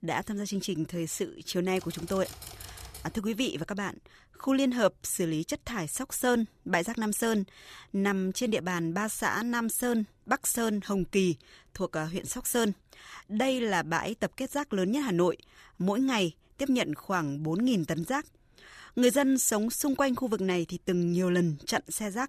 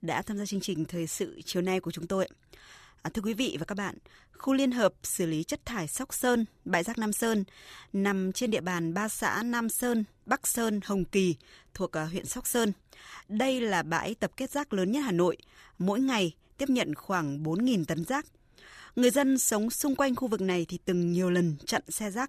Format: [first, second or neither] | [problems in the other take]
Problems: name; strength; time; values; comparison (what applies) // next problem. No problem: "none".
second | keyboard typing; faint; from 2 to 3 s; peak 15 dB below the speech